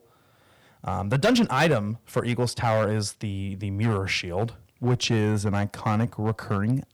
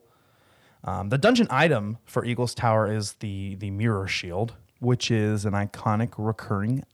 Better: second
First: distortion; slight; 4% of the sound clipped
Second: none

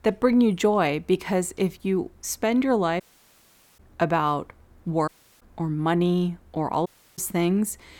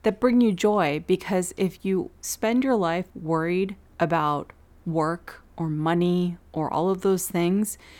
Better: second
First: audio cutting out; at 3 s for 1 s, at 5 s and at 7 s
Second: none

